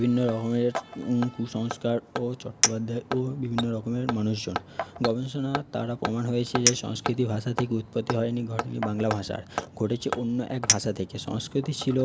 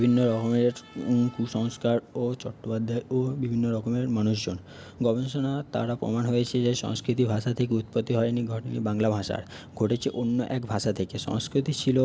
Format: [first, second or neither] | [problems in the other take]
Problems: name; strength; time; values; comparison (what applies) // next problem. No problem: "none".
second | background sound (Hammer + Chink, clink); 6 dB below the speech